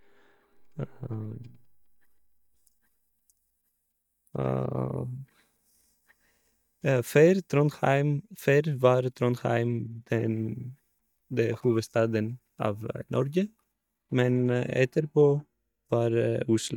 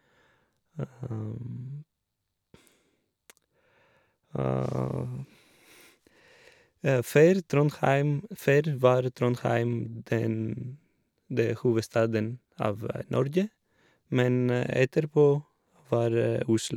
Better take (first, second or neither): second